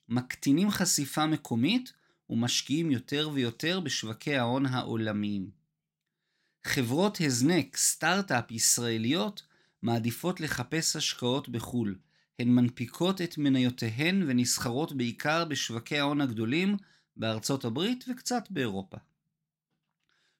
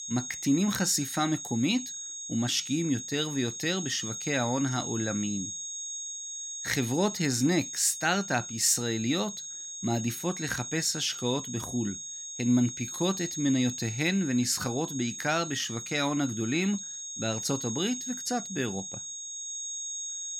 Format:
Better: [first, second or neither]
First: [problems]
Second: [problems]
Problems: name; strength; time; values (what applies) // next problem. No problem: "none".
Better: first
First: none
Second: high-pitched whine; loud; throughout; 6.5 kHz, 6 dB below the speech